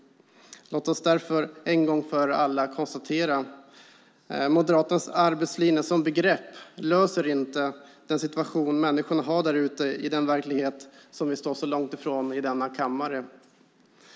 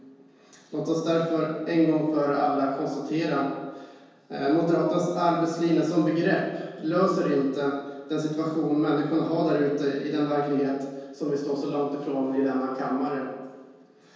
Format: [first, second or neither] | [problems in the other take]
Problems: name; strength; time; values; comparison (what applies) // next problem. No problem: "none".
first | room echo; dies away in 1.2 s